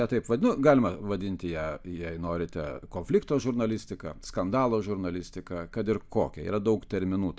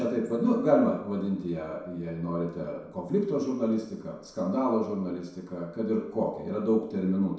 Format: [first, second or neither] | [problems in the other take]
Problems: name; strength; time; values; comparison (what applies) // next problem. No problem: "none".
first | room echo; dies away in 0.7 s